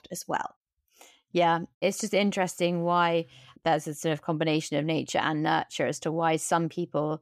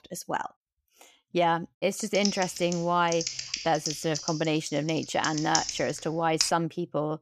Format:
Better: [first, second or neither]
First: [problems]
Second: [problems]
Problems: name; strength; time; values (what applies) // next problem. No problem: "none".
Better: first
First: none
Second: keyboard typing; loud; from 2 to 6.5 s; peak level with the speech